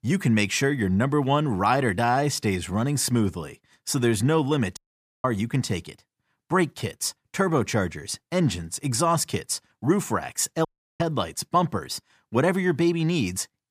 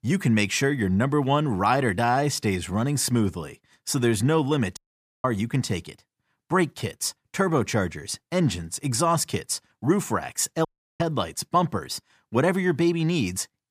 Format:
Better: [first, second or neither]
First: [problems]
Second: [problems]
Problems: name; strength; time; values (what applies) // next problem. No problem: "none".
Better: neither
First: audio cutting out; at 5 s and at 11 s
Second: audio cutting out; at 5 s and at 11 s